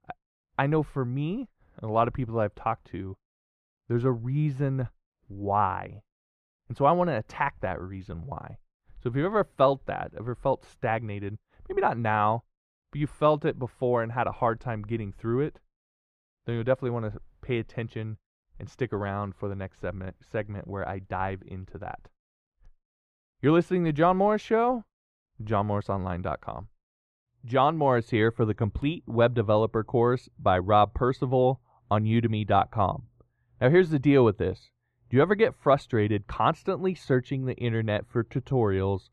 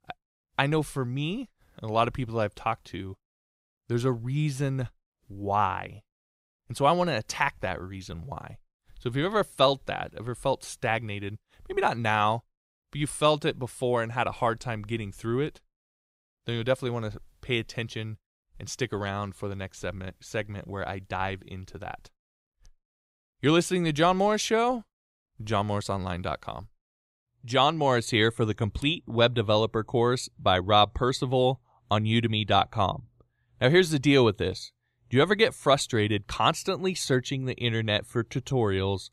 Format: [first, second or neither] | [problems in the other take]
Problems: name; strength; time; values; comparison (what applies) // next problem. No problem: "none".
second | muffled; very; fading above 3 kHz